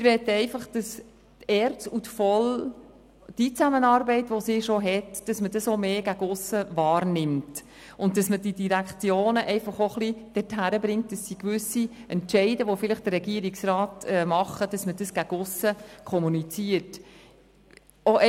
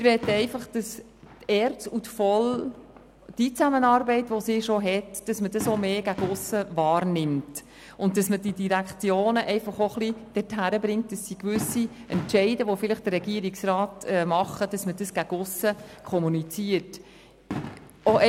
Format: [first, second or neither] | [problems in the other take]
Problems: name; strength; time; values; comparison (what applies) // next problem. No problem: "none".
first | background sound (Fireworks); 17 dB below the speech